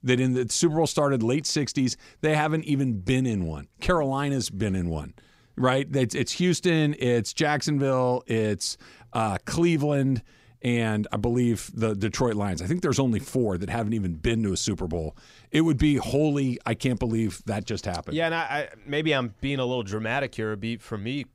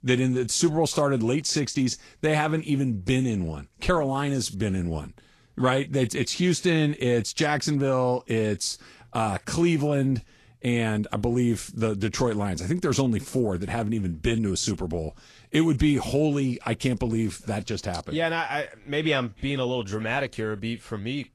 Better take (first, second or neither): first